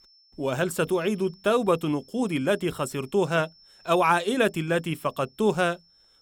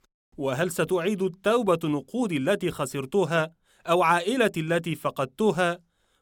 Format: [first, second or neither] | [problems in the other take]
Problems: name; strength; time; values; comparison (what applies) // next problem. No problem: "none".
second | high-pitched whine; faint; throughout; 5.5 kHz, 30 dB below the speech